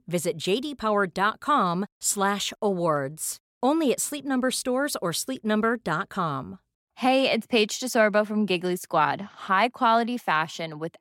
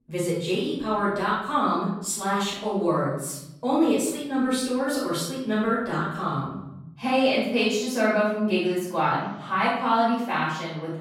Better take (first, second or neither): first